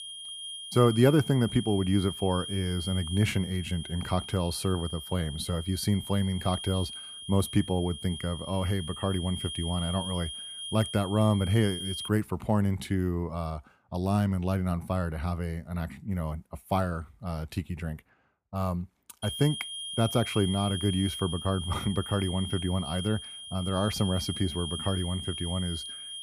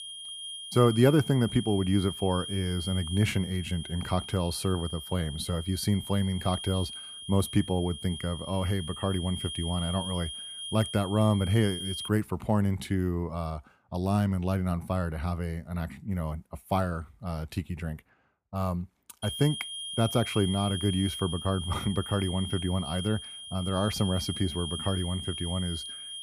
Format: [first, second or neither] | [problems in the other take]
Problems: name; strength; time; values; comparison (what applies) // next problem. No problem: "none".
neither | high-pitched whine; loud; until 12 s and from 19 s on; 3 kHz, 7 dB below the speech; the same in both